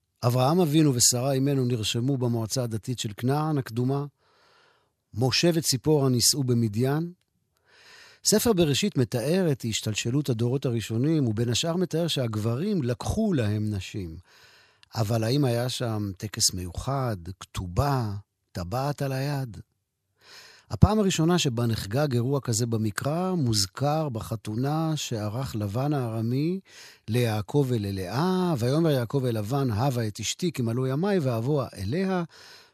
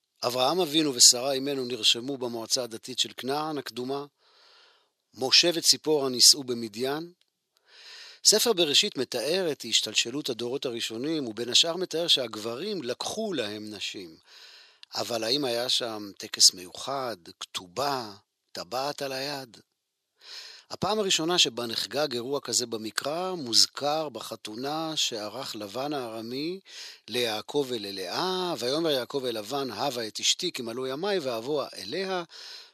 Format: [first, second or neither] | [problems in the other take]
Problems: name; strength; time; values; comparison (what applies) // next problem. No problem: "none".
first | thin; somewhat; fading below 400 Hz